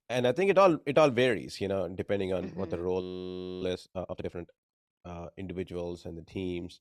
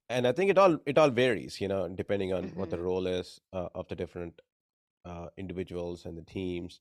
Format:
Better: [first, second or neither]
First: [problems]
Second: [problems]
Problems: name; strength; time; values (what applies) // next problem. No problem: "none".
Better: second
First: audio freezing; at 3 s for 0.5 s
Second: none